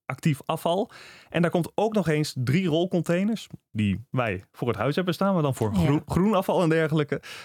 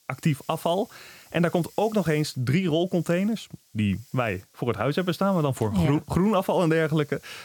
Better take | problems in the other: first | hiss; faint; throughout; 25 dB below the speech

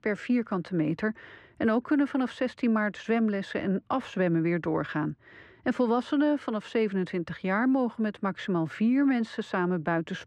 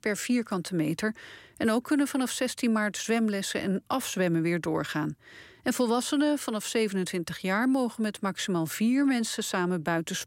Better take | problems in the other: second | muffled; very; fading above 2 kHz

